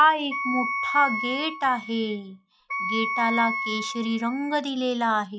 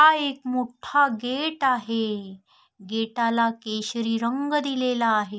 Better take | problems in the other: second | noise reduction (classical method log-MMSE)

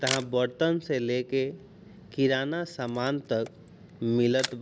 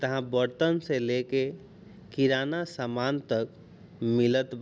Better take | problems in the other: second | background sound (Camera); 13 dB below the speech

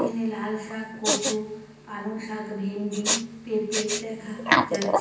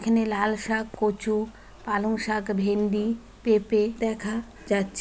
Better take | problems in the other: second | background sound (Respiratory sounds); 2 dB above the speech // room echo; dies away in 0.9 s

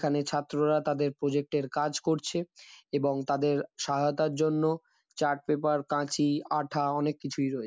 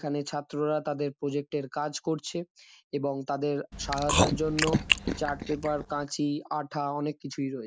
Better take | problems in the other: first | noise reduction (neural mask model DeepFilterNet 3)

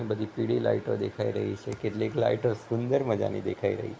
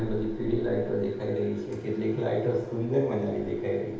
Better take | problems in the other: first | background sound (Wind); 16 dB below the speech // room echo; dies away in 0.8 s

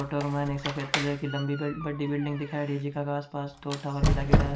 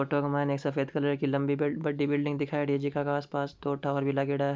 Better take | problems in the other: second | background sound (Squeak); as loud as the speech // room echo; dies away in 0.4 s

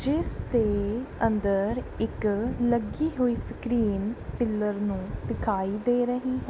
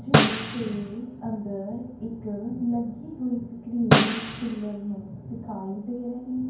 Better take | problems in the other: first | background sound (Snare drum); 5 dB above the speech // room echo; dies away in 0.9 s

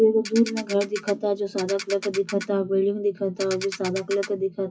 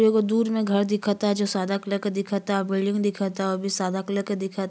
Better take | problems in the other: second | noise reduction (classical method WPE with log-MMSE)

